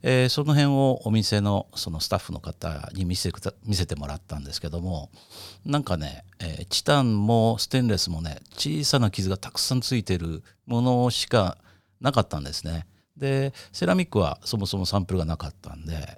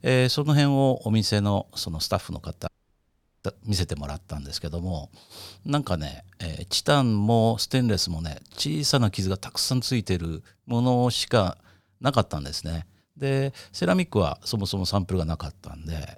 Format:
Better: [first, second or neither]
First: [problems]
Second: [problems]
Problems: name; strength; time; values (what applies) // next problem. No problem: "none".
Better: first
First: none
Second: audio cutting out; at 2.5 s for 1 s